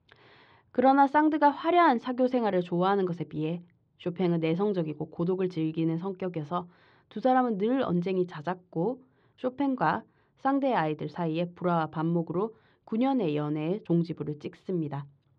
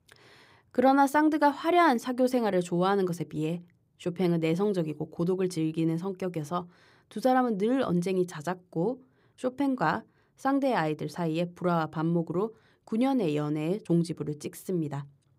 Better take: second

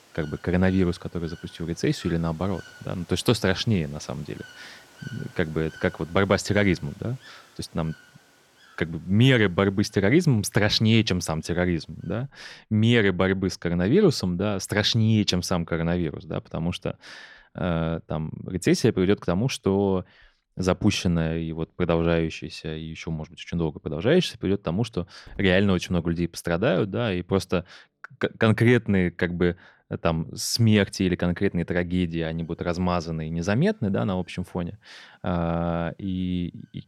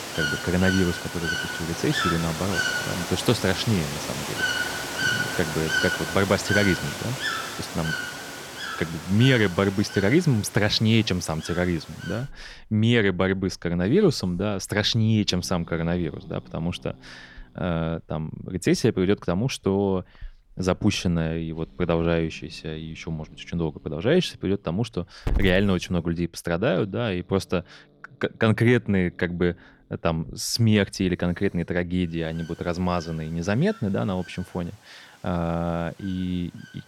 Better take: first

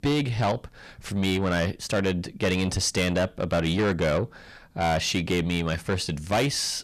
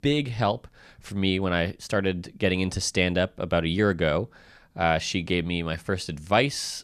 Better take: second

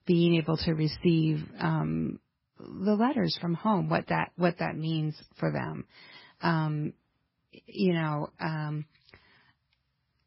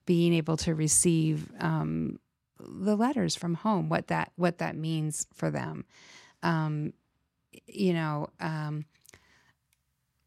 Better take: second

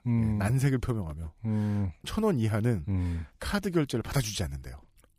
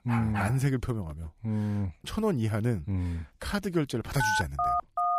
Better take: first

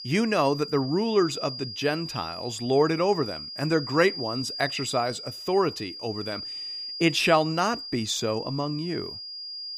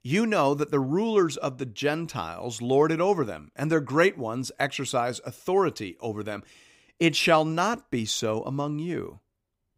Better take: second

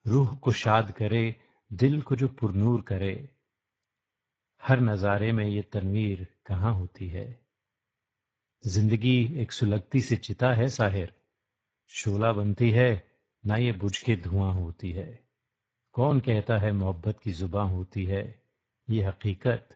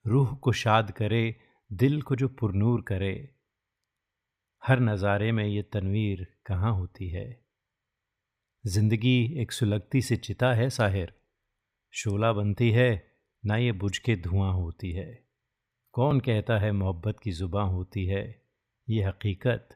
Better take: second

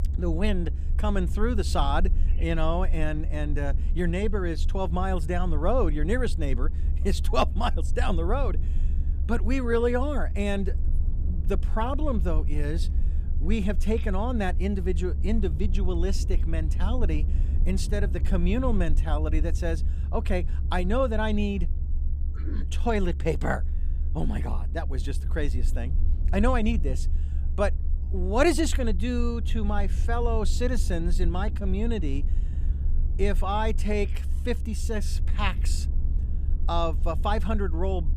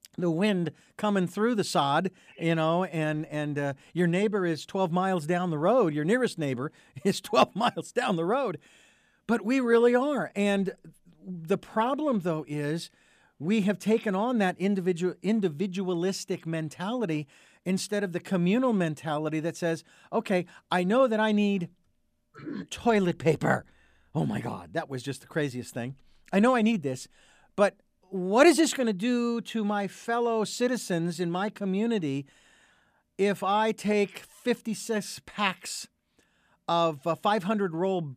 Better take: second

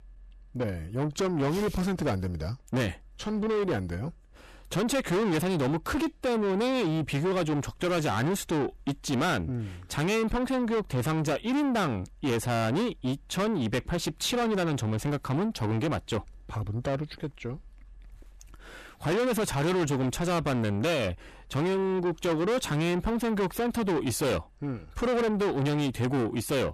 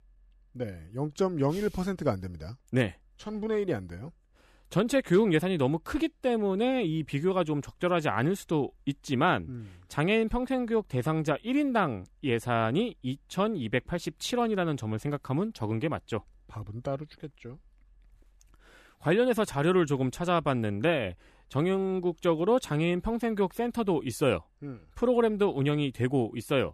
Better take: second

